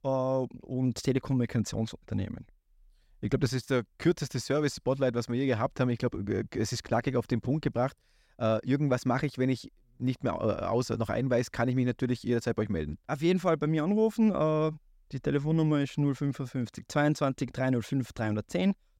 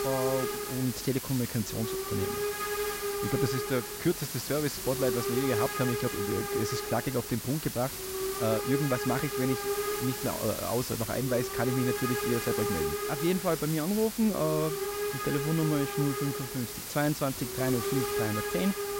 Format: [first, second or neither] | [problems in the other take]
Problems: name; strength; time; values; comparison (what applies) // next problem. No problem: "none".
first | hiss; loud; throughout; 1 dB below the speech